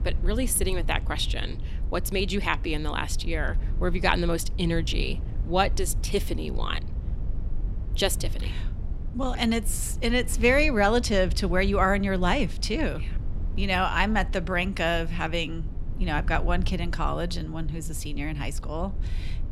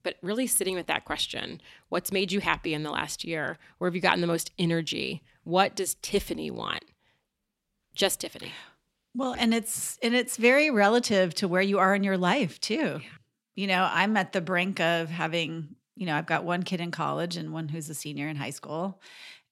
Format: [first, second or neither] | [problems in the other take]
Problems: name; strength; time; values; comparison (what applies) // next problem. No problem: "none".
second | low rumble; faint; throughout; 20 dB below the speech